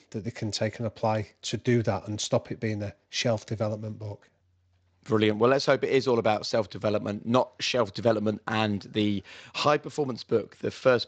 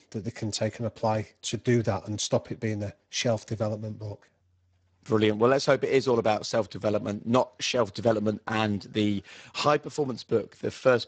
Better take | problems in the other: first | garbled, watery; badly; nothing above 8 kHz; slightly in the first

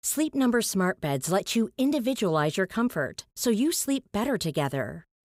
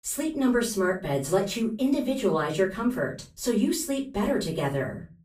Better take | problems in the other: first | off-mic speech; far // room echo; slight; dies away in 0.3 s

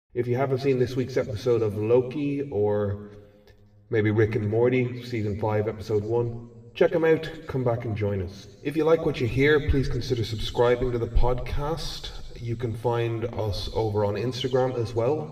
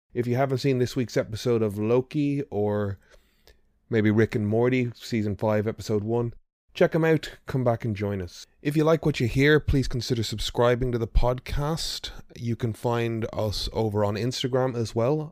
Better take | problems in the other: second | room echo; slight; dies away in 1.7 s

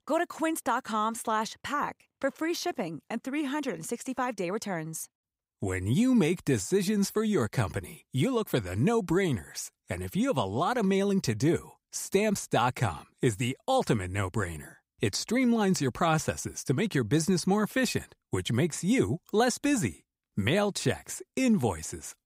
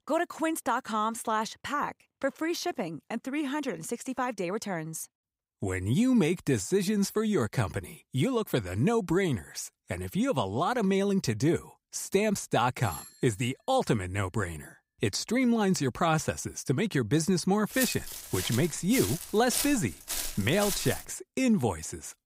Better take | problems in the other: first | doorbell; faint; at 13 s; peak 15 dB below the speech // footsteps; noticeable; from 18 to 21 s; peak 1 dB below the speech

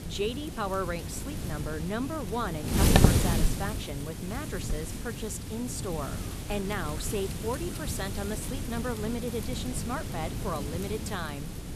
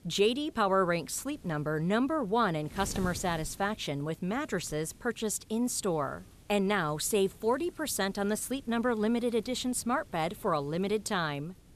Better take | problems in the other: second | wind noise on the microphone; heavy; 1 dB below the speech; occasional gusts in the second

